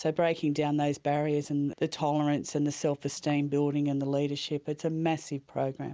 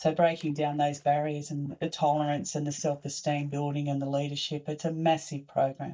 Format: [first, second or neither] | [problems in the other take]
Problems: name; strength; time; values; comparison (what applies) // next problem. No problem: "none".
first | noise reduction (neural mask model DeepFilterNet 3)